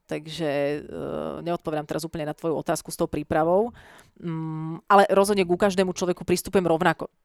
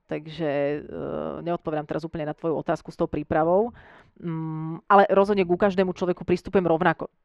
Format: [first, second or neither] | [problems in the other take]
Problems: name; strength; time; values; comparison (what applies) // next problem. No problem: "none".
first | muffled; slightly; fading above 2.5 kHz